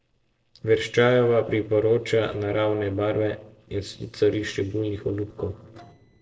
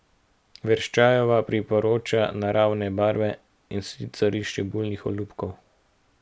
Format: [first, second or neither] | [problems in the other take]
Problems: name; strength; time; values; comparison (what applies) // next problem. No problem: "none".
second | noise reduction (neural separator model SepFormer DNS4)